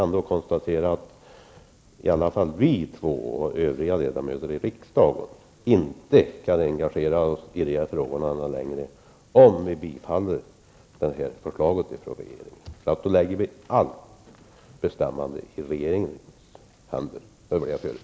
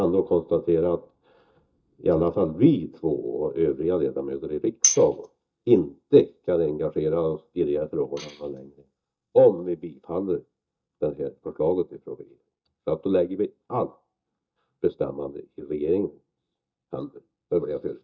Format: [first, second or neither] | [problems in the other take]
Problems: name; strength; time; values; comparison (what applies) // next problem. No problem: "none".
first | noise reduction (neural mask model DeepFilterNet 3)